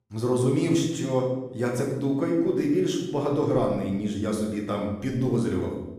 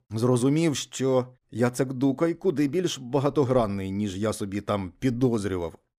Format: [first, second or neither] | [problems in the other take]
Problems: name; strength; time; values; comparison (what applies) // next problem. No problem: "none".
second | room echo; noticeable; dies away in 0.9 s // off-mic speech; far